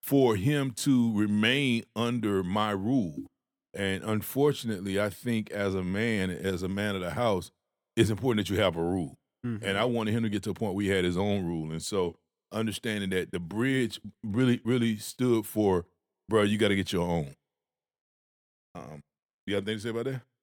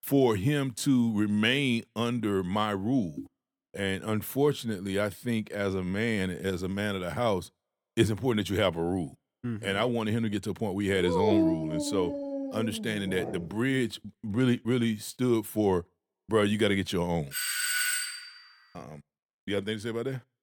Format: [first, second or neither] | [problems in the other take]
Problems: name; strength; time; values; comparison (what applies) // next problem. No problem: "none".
first | dog barking; loud; from 11 to 13 s; peak 4 dB above the speech // doorbell; loud; at 17 s; peak 3 dB above the speech